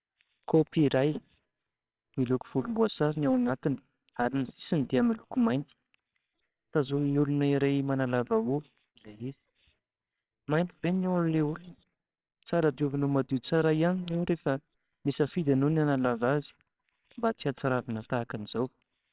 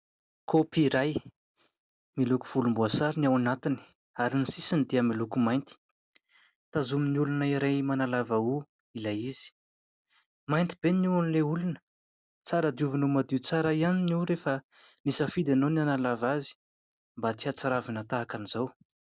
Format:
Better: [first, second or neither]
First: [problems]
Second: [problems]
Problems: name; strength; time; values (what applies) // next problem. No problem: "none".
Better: second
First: noise reduction (neural separator model SepFormer WHAMR!)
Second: none